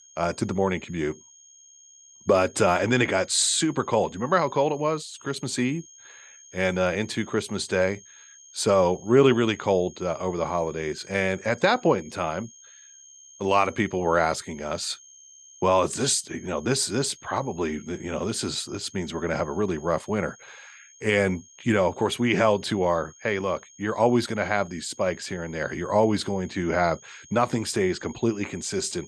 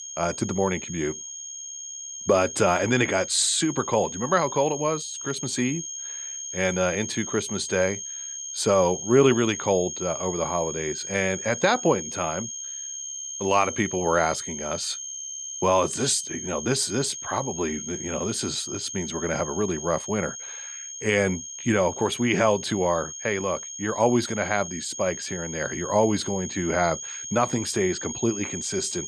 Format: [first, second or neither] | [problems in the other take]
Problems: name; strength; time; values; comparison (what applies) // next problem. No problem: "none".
first | high-pitched whine; loud; throughout; 6.5 kHz, 7 dB below the speech; faint in the first